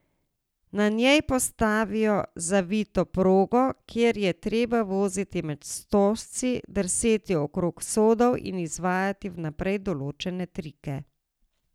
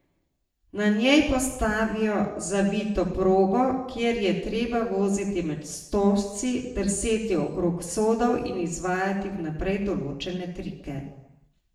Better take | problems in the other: first | room echo; dies away in 0.8 s

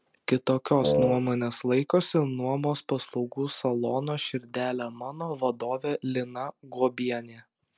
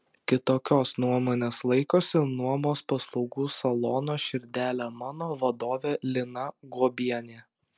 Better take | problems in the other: second | background sound (Wind instrument, woodwind instrument); 2 dB above the speech

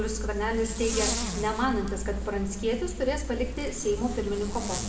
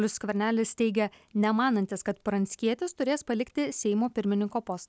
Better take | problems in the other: second | background sound (Zipper (clothing)); 4 dB below the speech // room echo; dies away in 1.9 s

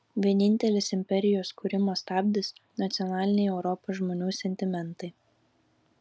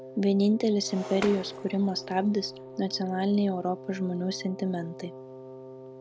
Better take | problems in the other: first | background sound (Shatter + Wind instrument, woodwind instrument); 13 dB below the speech

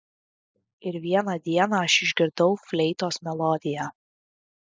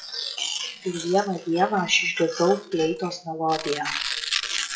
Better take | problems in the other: first | noise reduction (classical method WPE with log-MMSE)

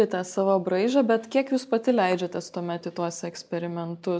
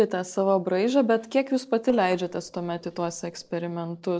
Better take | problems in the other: first | noise reduction (neural separator model SepFormer DNS4)

